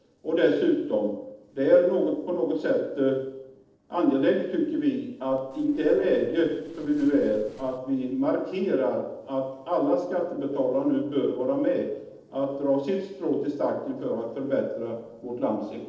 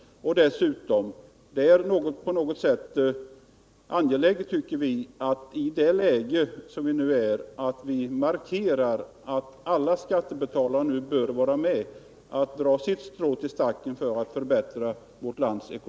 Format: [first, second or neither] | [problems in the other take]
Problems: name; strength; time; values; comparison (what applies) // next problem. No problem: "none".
second | noise reduction (neural separator model SepFormer DNS4)